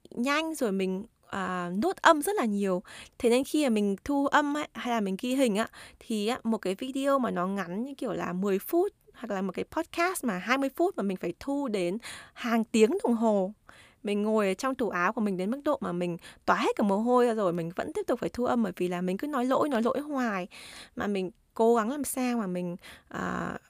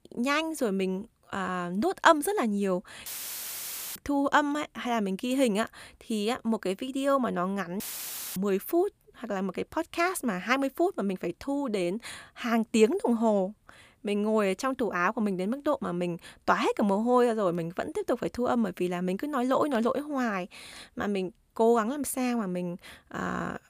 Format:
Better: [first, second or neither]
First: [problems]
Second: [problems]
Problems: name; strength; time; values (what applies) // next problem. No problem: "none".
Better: first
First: none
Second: audio cutting out; filled with static; at 3 s for 1 s and at 8 s for 0.5 s